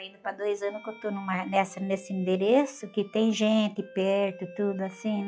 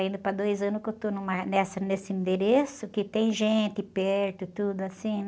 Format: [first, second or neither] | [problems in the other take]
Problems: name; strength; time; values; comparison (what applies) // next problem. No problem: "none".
second | noise reduction (classical method log-MMSE)